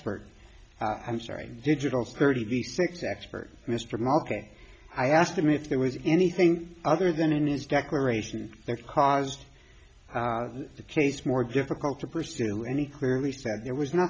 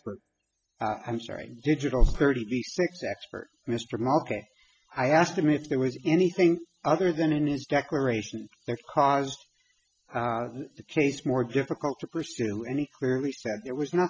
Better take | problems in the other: first | noise reduction (classical method spectral subtraction)

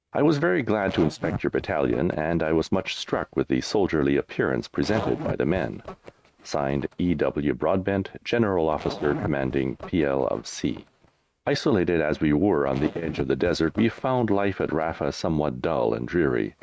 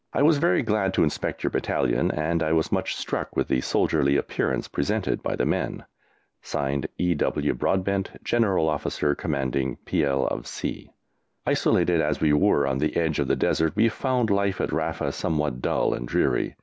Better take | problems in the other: second | noise reduction (neural mask model RNNoise)

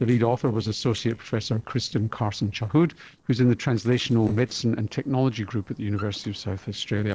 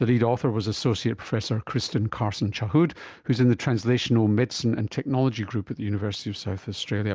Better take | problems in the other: second | noise reduction (neural separator model SepFormer DNS4)

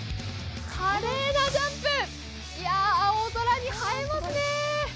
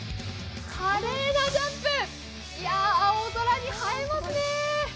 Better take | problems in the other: first | background sound (Bowed string instrument); 14 dB below the speech // room echo; dies away in 1.7 s

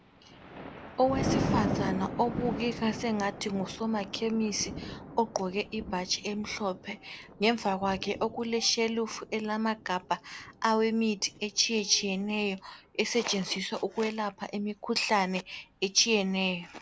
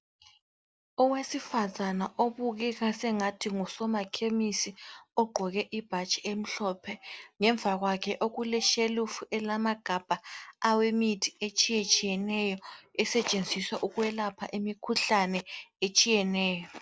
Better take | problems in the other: second | background sound (Thunder); 9 dB below the speech

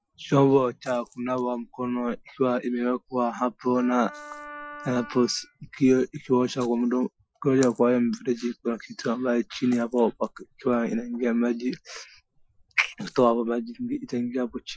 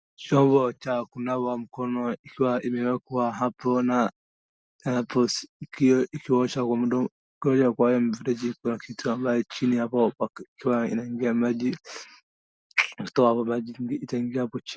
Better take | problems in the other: second | noise reduction (classical method Wiener filter)

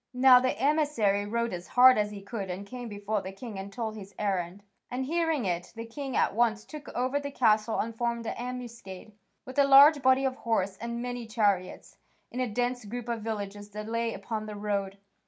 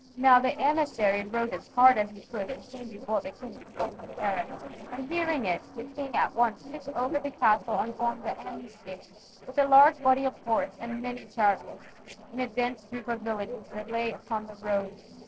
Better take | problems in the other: first | noise reduction (neural separator model SepFormer DNS4)

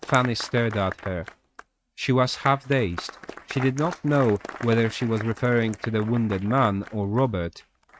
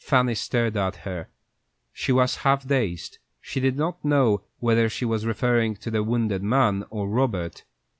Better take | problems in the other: second | noise reduction (neural mask model RNNoise)

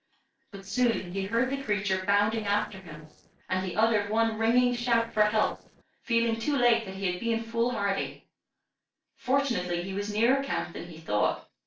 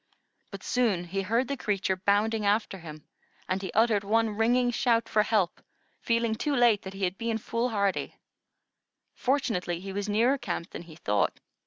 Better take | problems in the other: second | noise reduction (neural separator model SepFormer DNS4)

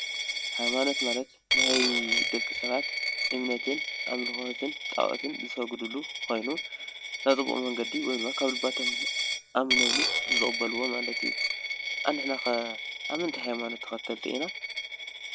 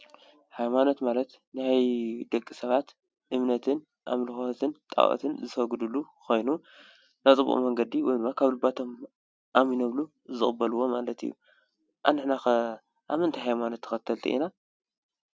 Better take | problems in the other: second | background sound (Coin (dropping)); 2 dB above the speech

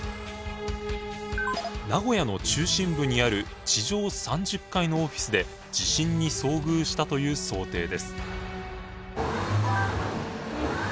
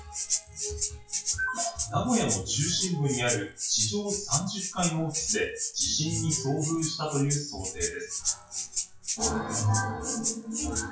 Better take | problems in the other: first | noise reduction (classical method WPE with log-MMSE)

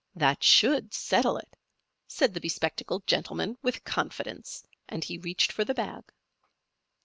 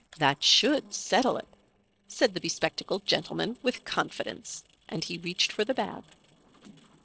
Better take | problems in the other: first | noise reduction (neural separator model SepFormer DNS4)

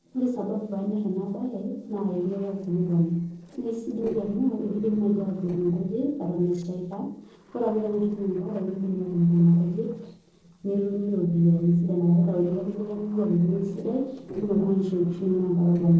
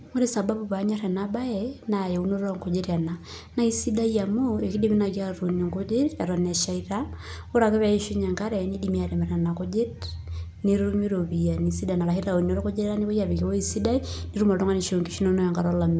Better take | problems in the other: second | noise reduction (neural separator model SepFormer DNS4)

